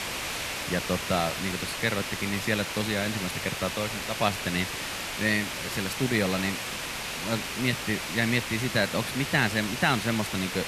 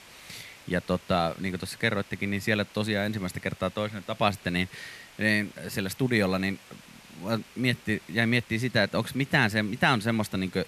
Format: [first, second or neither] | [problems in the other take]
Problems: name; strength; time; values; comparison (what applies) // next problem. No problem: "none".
second | hiss; loud; throughout; 3 dB below the speech; faint in the second